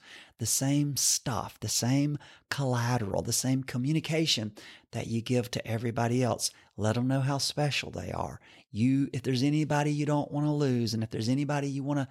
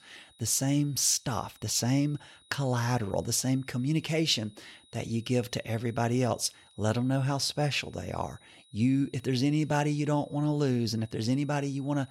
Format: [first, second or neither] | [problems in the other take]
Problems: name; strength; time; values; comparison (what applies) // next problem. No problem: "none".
first | high-pitched whine; faint; throughout; 4 kHz, 30 dB below the speech